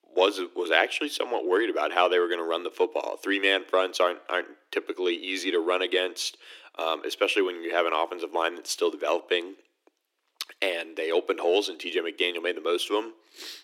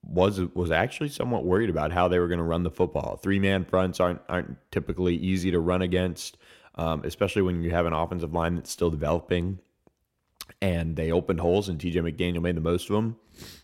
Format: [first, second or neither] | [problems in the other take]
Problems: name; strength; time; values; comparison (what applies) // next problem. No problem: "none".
second | thin; very; fading below 300 Hz